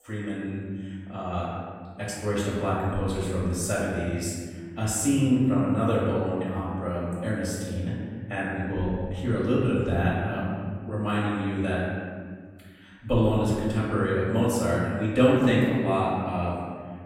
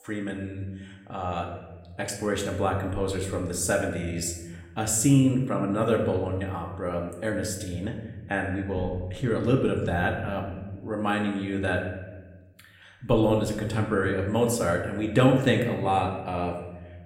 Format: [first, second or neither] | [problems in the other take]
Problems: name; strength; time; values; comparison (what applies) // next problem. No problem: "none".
second | room echo; strong; dies away in 1.8 s; slight in the second // off-mic speech; far; somewhat distant in the second